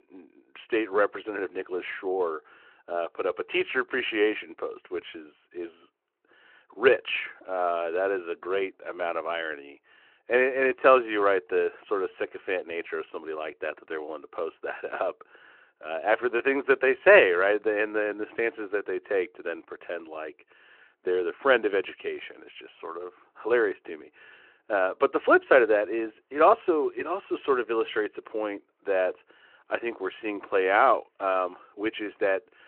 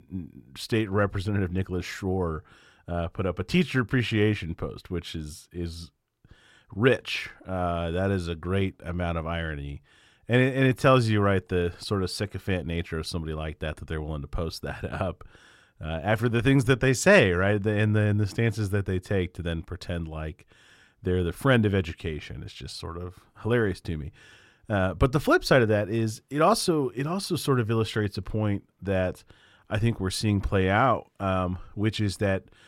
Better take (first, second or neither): second